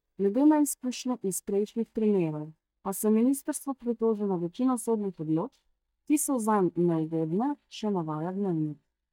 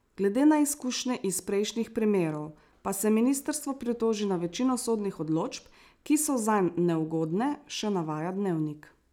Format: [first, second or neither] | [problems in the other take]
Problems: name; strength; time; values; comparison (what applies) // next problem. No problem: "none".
second | noise reduction (neural mask model DeepFilterNet 3)